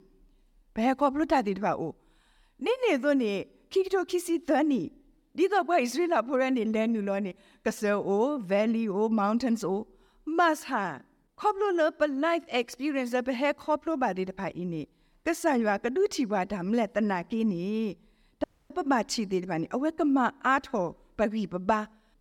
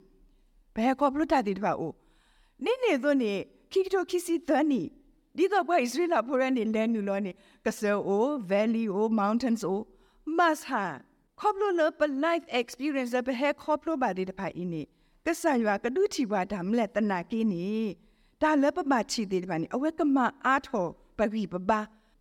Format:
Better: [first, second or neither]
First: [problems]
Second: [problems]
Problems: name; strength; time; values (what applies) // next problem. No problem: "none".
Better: second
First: audio cutting out; at 18 s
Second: none